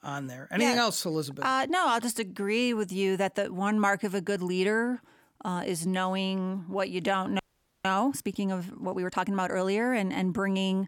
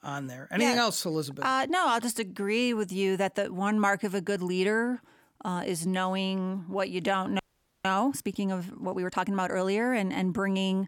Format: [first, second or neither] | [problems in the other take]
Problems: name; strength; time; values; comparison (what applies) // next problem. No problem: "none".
neither | audio freezing; at 7.5 s; the same in both